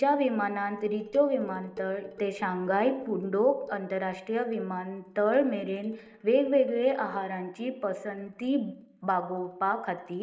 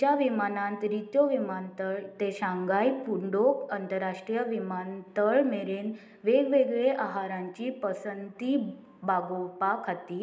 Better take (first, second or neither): second